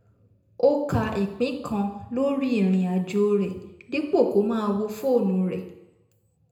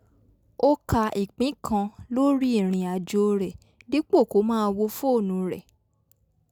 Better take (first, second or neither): second